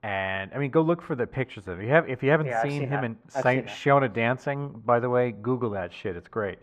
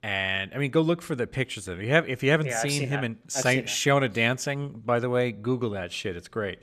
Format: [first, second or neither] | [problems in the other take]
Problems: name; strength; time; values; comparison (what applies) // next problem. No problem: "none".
second | muffled; very; fading above 3.5 kHz